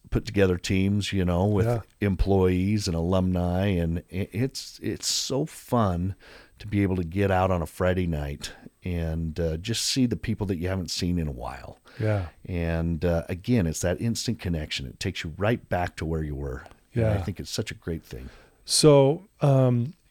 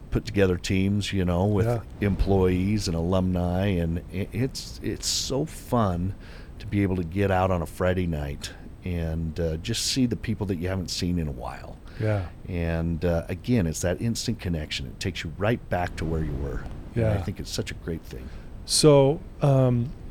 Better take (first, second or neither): first